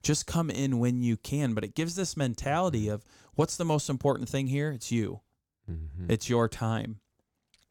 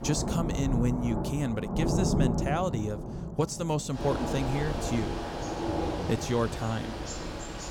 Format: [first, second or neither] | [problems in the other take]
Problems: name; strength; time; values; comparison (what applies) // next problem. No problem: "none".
first | rain or running water; loud; throughout; 1 dB below the speech